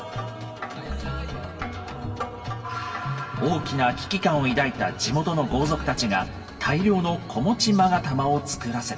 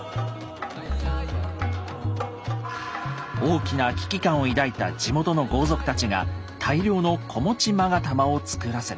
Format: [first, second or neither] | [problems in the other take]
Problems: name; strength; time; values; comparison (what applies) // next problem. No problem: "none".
second | room echo; dies away in 2.3 s